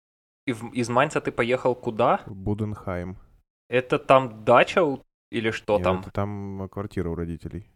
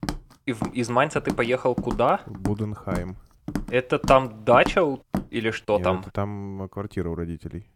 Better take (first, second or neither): first